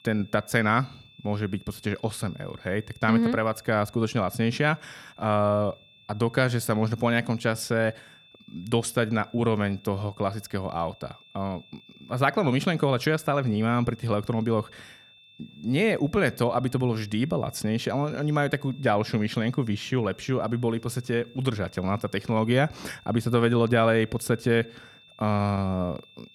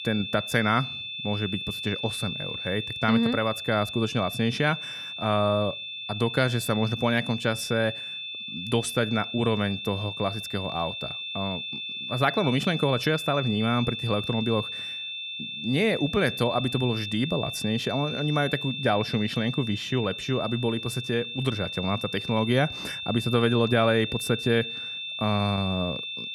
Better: first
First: high-pitched whine; faint; throughout; 3.5 kHz, 25 dB below the speech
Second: high-pitched whine; loud; throughout; 3.5 kHz, 6 dB below the speech

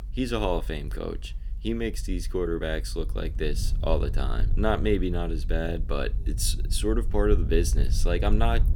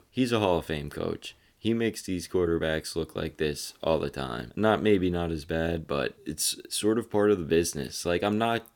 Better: second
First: low rumble; noticeable; throughout; 20 dB below the speech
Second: none

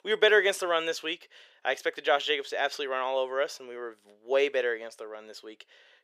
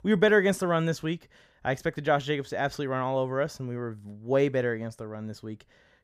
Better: second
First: thin; very; fading below 400 Hz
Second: none

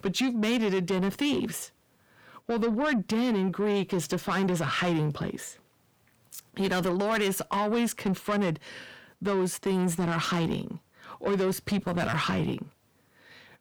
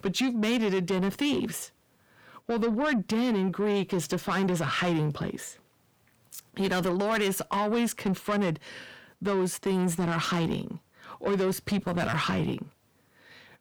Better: neither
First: distortion; slight; 10 dB below the speech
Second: distortion; slight; 10 dB below the speech

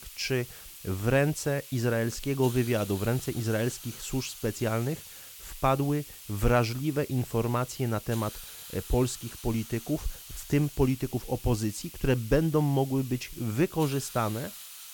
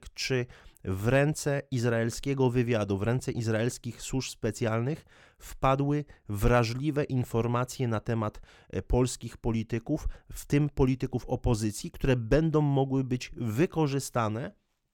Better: second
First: hiss; noticeable; throughout; 15 dB below the speech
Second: none

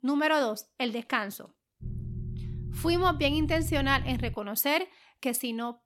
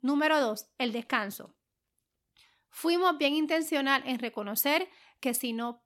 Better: second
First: low rumble; faint; from 2 to 4.5 s; 20 dB below the speech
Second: none

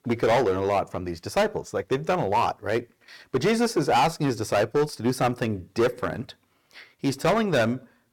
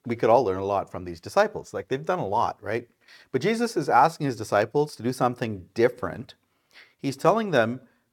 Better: second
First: distortion; heavy; 8% of the sound clipped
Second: none

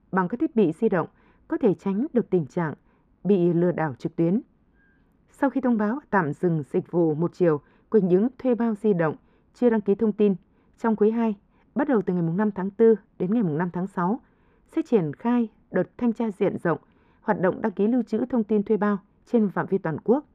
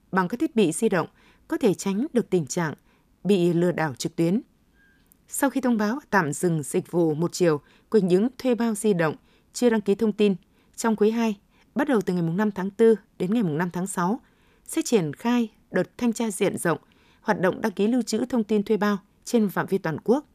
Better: second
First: muffled; very; fading above 3.5 kHz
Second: none

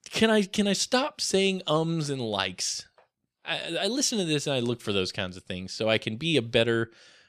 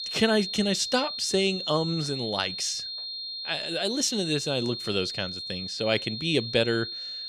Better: first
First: none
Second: high-pitched whine; loud; throughout; 4 kHz, 5 dB below the speech

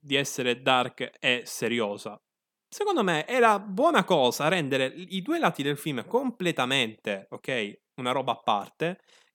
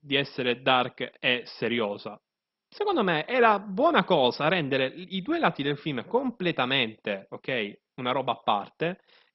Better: first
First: none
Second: garbled, watery; badly; nothing above 5.5 kHz

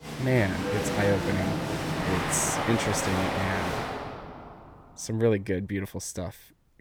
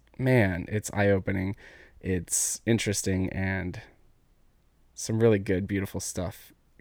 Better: second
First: crowd noise; loud; until 4 s; 1 dB below the speech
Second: none

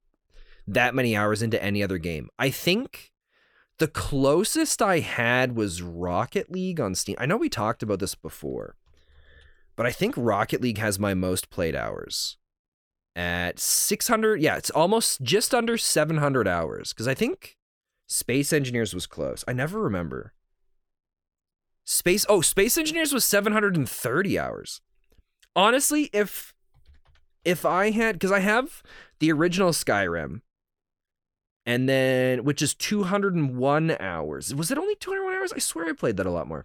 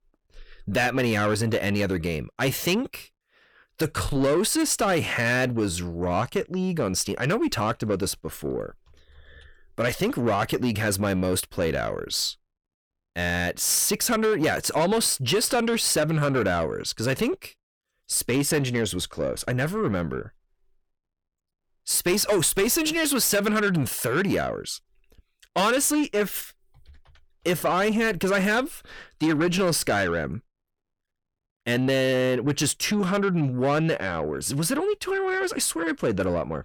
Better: first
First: none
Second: distortion; slight; 10 dB below the speech

